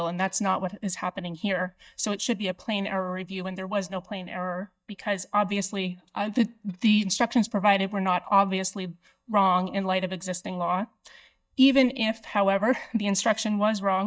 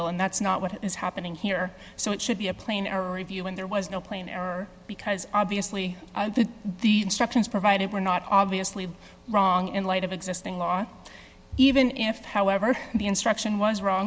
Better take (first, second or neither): second